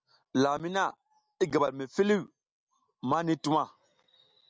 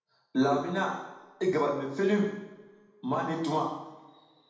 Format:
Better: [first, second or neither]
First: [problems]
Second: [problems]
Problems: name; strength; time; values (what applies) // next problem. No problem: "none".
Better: first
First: none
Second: background sound (Bowed string instrument); 20 dB below the speech // room echo; dies away in 0.9 s